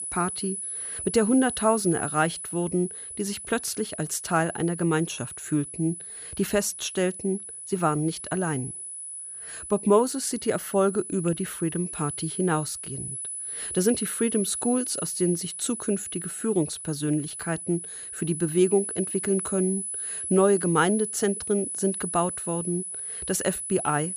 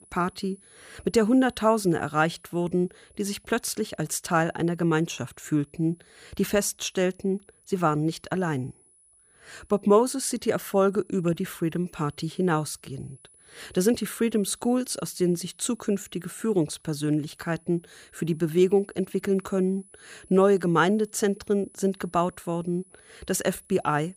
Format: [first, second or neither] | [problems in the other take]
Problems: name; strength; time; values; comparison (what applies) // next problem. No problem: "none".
second | high-pitched whine; loud; throughout; 10 kHz, 6 dB below the speech; faint in the second